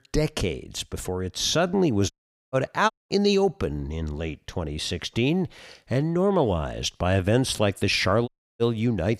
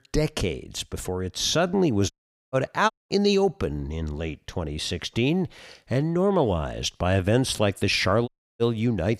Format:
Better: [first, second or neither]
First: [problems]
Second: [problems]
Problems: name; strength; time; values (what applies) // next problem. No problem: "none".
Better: neither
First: audio cutting out; at 2 s, at 3 s and at 8.5 s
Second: audio cutting out; at 2 s, at 3 s and at 8.5 s